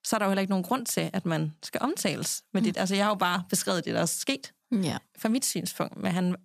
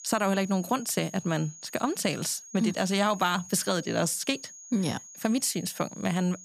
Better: first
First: none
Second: high-pitched whine; noticeable; throughout; 6.5 kHz, 15 dB below the speech

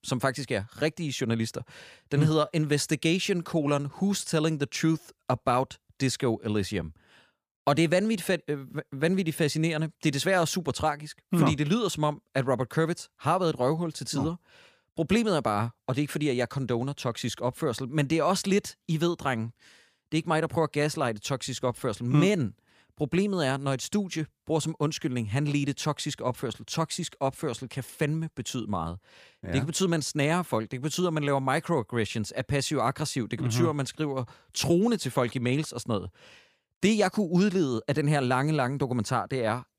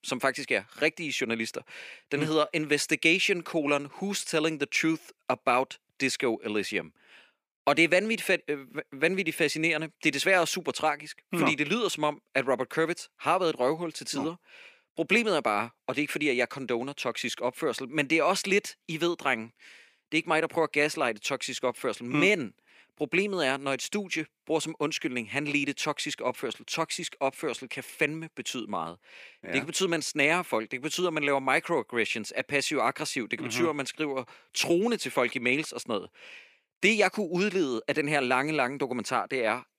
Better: first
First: none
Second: thin; very slightly; fading below 300 Hz

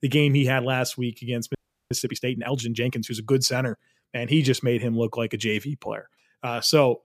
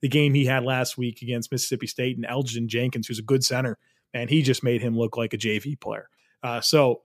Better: second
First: audio freezing; at 1.5 s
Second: none

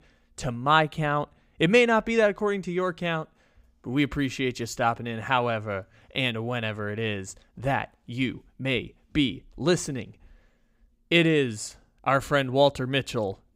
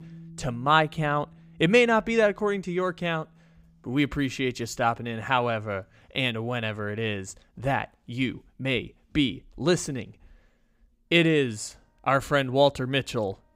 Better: first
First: none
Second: background music; faint; throughout; 25 dB below the speech

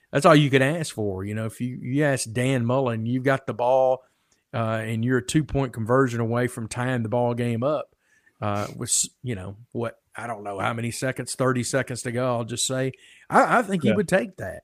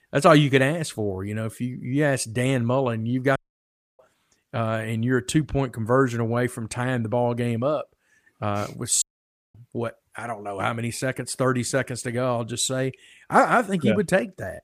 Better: first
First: none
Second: audio cutting out; at 3.5 s for 0.5 s and at 9 s for 0.5 s

